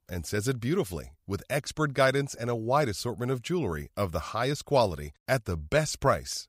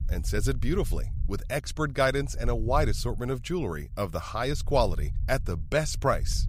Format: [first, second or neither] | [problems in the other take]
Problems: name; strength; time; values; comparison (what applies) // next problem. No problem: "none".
first | low rumble; faint; throughout; 25 dB below the speech